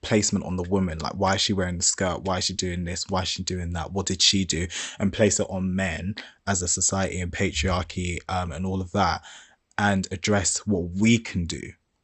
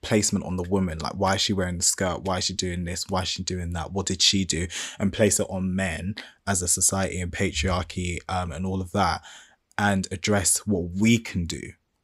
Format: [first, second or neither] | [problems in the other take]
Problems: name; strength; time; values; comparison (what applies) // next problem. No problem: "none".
second | garbled, watery; slightly; nothing above 8 kHz